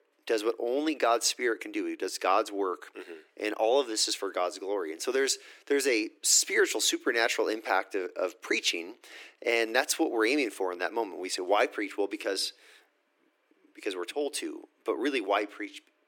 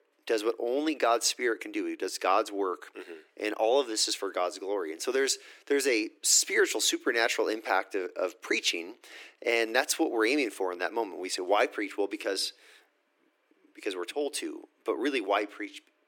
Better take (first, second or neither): neither